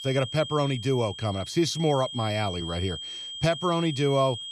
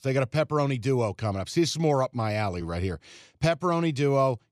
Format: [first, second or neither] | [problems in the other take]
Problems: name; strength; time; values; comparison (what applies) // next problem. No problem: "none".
second | high-pitched whine; loud; throughout; 3 kHz, 9 dB below the speech